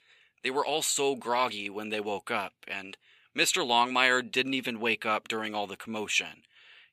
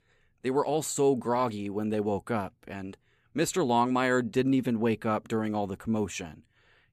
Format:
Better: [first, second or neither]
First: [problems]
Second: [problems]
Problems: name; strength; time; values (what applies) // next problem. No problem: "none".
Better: second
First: thin; somewhat; fading below 1 kHz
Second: none